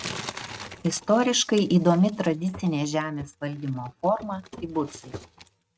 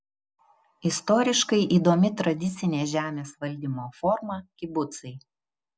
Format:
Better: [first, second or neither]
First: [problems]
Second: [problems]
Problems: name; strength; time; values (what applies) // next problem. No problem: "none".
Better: second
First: noise reduction (neural mask model RNNoise)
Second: none